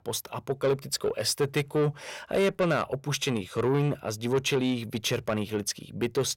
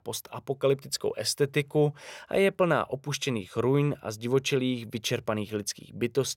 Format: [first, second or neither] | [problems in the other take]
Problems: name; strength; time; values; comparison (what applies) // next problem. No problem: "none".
second | distortion; slight; 10 dB below the speech